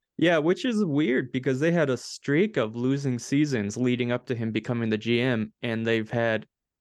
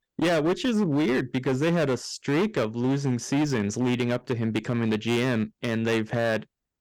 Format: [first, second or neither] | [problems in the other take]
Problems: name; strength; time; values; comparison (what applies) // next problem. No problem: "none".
first | distortion; slight; 17% of the sound clipped